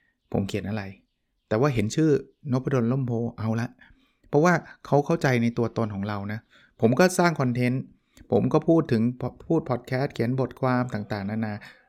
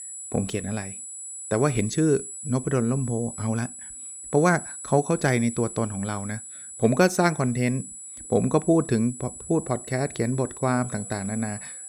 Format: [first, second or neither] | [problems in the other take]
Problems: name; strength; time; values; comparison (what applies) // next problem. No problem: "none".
first | high-pitched whine; noticeable; throughout; 8 kHz, 10 dB below the speech